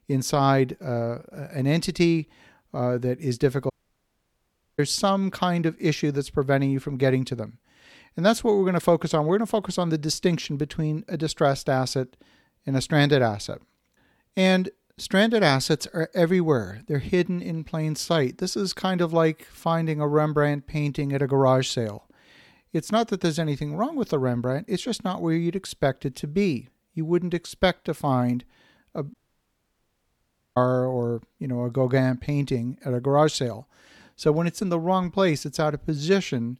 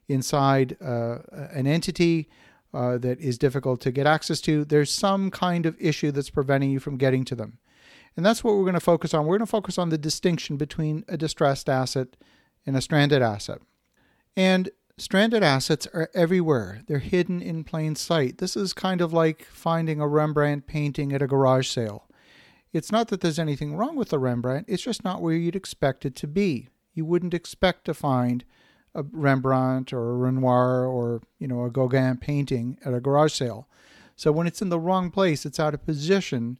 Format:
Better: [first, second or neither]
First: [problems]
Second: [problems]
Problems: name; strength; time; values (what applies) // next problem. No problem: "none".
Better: second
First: audio cutting out; at 3.5 s for 1 s and at 29 s for 1.5 s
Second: none